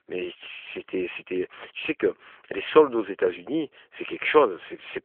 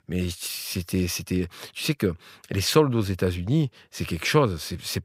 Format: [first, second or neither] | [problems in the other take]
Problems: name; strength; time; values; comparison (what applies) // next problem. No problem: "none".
second | phone-call audio; nothing above 3.5 kHz